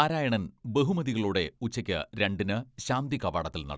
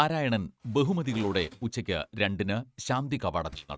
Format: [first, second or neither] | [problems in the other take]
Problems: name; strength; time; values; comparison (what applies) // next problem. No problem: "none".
first | noise reduction (neural mask model RNNoise)